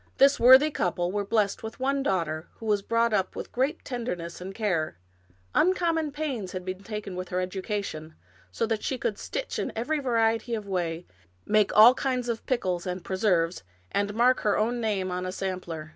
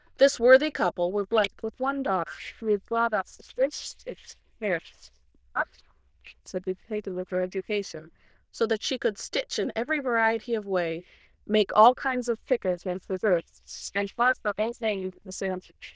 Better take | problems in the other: first | noise reduction (neural diffusion model UNIVERSE++)

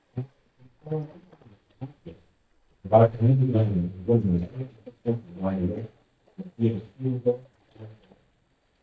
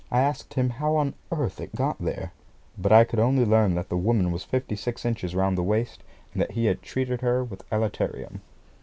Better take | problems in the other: second | noise reduction (neural mask model DeepFilterNet 3)

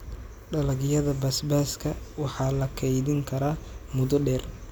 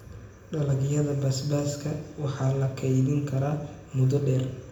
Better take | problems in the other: first | room echo; dies away in 0.8 s

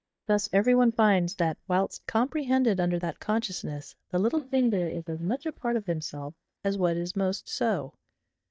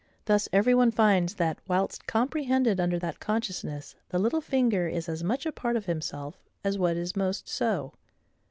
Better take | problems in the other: second | noise reduction (neural mask model DeepFilterNet 3)

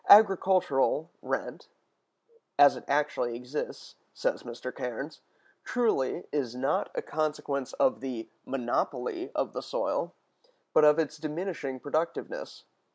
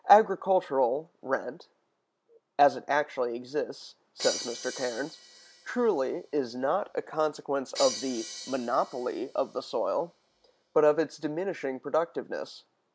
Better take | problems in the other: first | background sound (Crash cymbal); 13 dB below the speech

